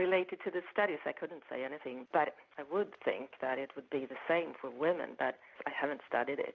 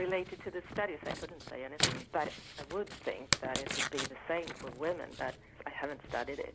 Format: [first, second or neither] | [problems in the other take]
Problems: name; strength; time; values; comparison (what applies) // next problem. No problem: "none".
first | background sound (Tearing); 1 dB below the speech